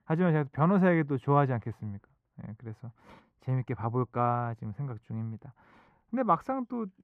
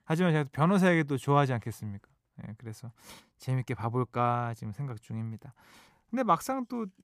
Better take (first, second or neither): second